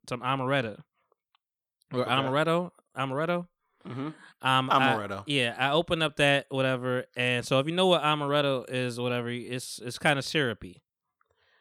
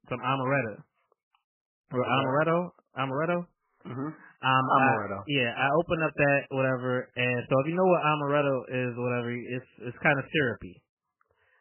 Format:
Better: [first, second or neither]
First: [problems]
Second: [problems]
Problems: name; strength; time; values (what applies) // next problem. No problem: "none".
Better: first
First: none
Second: garbled, watery; badly; nothing above 3 kHz